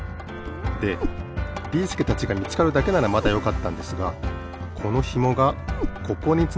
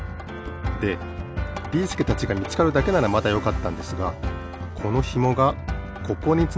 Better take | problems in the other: second | background sound (Meow); 9 dB below the speech

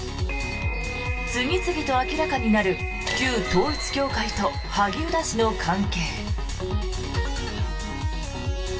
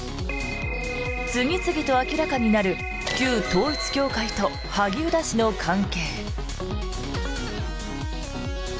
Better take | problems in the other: second | room echo; dies away in 0.2 s

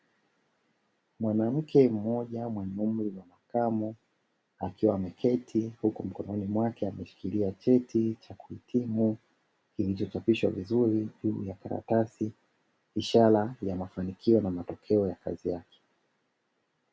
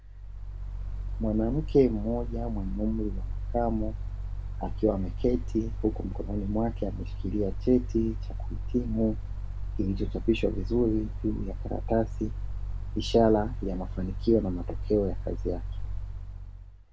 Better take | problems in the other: first | background sound (Mechanical fan); 3 dB below the speech

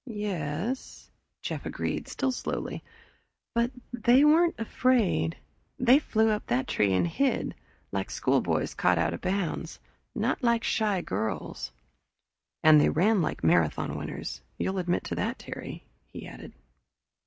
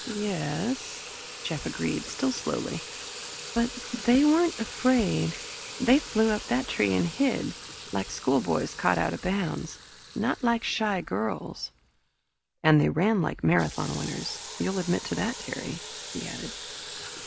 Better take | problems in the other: first | background sound (Sink (filling or washing) / Water tap, faucet); 13 dB below the speech

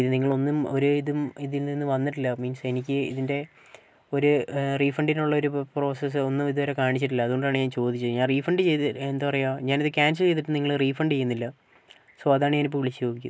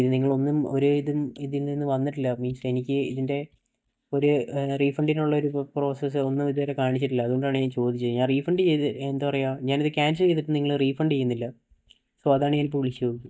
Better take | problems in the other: first | noise reduction (neural mask model DeepFilterNet 3)

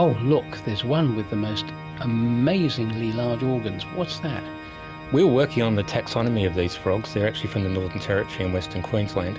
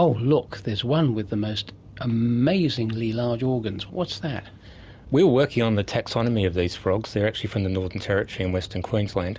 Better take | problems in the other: second | background sound (Organ); 13 dB below the speech

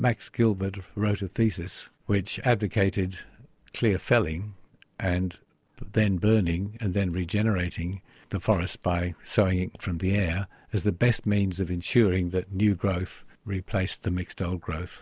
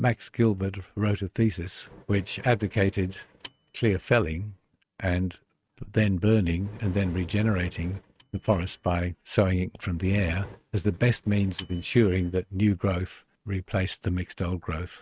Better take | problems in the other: first | noise reduction (neural mask model RNNoise)

